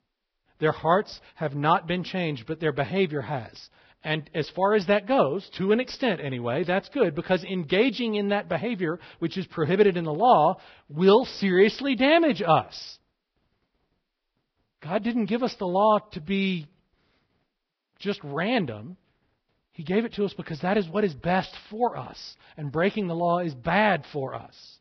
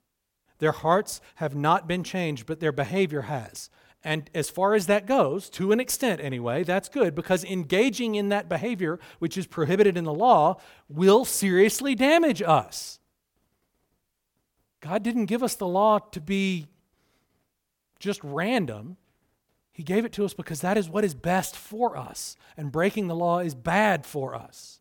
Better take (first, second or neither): second